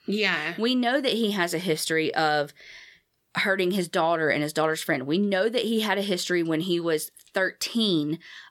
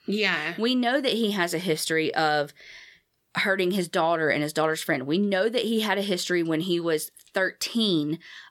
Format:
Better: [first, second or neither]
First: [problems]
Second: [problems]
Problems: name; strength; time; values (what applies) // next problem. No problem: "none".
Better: neither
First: none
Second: none